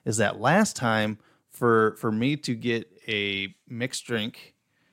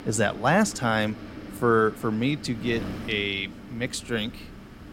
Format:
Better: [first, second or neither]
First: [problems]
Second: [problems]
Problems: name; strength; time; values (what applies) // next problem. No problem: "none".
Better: first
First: none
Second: wind noise on the microphone; occasional gusts; 15 dB below the speech